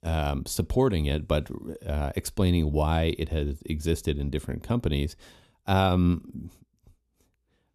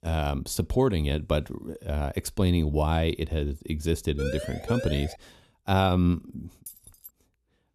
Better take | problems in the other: first | siren; noticeable; at 4 s; peak 6 dB below the speech // jangling keys; faint; at 6.5 s; peak 15 dB below the speech

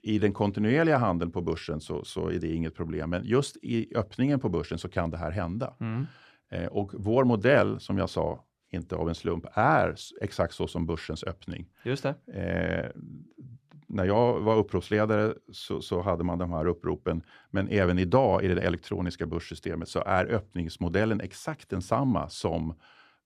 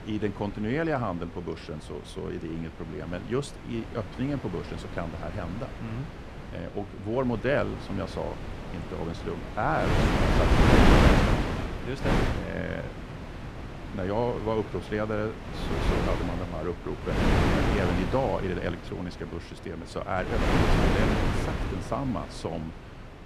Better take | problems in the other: first | wind noise on the microphone; heavy; 3 dB above the speech

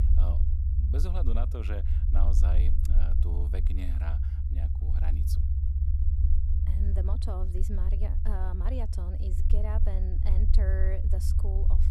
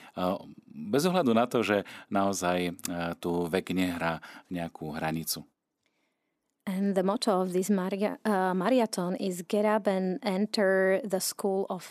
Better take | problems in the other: second | low rumble; loud; throughout; 3 dB below the speech

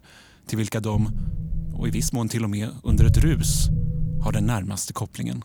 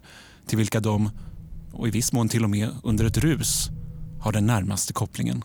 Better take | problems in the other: second | low rumble; loud; from 1 to 2 s and from 3 to 4.5 s; 7 dB below the speech; faint in the second

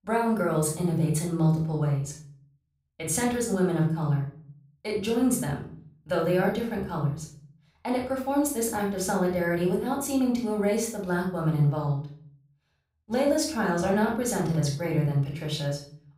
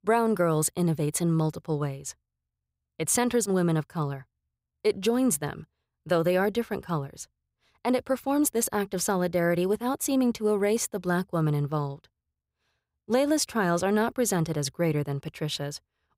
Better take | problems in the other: second | off-mic speech; far // room echo; noticeable; dies away in 0.5 s

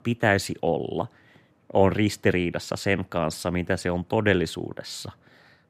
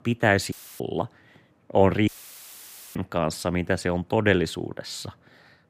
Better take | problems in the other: first | audio cutting out; filled with static; at 0.5 s and at 2 s for 1 s

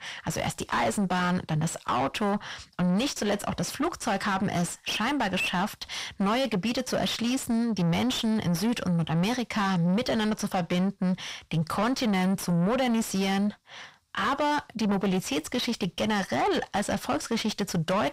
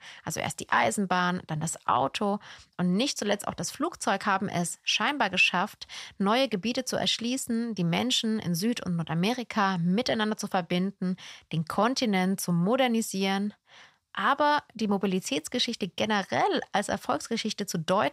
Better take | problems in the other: second | distortion; heavy; 6 dB below the speech

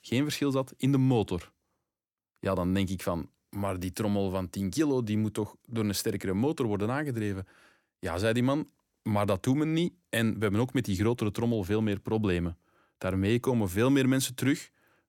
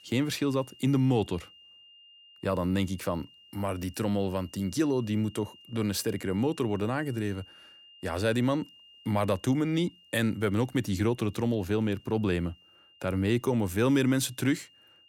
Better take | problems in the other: first | high-pitched whine; faint; throughout; 3 kHz, 25 dB below the speech

